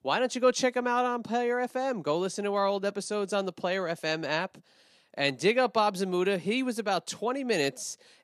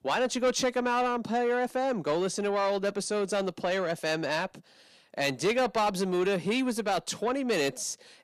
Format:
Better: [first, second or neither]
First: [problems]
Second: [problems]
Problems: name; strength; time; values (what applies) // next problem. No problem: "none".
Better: first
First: none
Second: distortion; slight; 10 dB below the speech